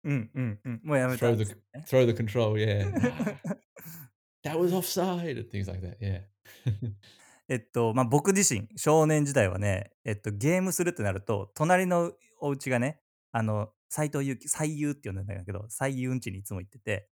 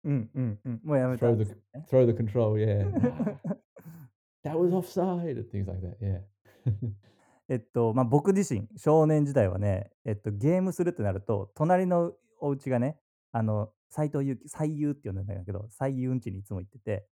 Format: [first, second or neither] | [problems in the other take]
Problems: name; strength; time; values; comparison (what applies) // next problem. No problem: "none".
first | muffled; very; fading above 1.5 kHz